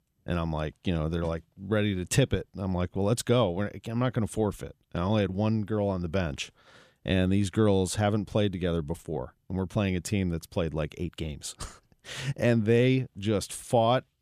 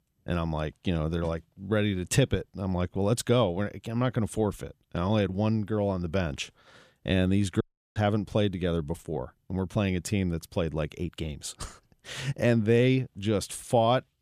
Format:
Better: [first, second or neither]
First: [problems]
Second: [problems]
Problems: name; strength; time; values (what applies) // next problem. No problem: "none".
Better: first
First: none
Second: audio cutting out; at 7.5 s